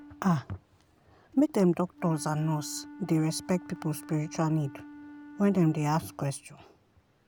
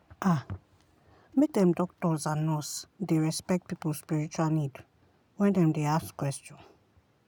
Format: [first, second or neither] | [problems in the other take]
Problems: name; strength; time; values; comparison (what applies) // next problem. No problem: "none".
second | background sound (Wind instrument, woodwind instrument); 18 dB below the speech